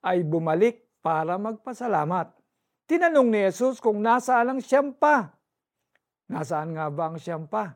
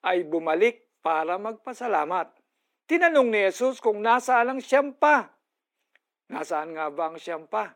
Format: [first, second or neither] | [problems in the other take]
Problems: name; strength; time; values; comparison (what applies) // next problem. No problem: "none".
first | thin; very slightly; fading below 250 Hz